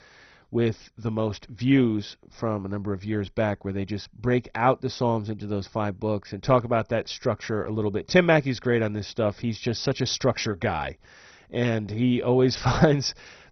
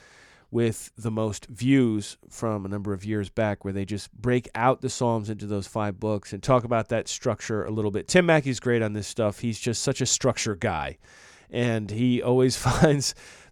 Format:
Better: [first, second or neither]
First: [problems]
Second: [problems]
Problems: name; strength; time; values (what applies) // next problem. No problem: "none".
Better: second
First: garbled, watery; badly; nothing above 6 kHz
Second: none